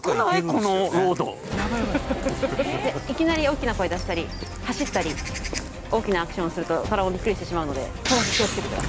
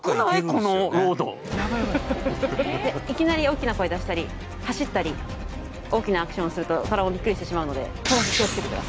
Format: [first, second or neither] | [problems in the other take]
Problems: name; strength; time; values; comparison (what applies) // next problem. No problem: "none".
second | background sound (Walk, footsteps / Bird vocalization, bird call, bird song); 15 dB below the speech